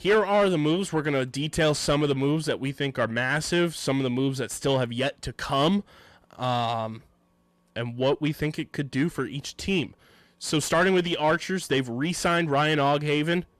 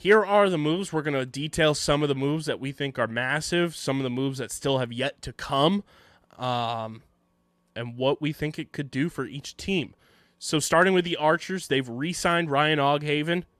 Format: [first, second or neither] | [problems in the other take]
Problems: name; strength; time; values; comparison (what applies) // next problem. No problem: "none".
second | distortion; slight; 10 dB below the speech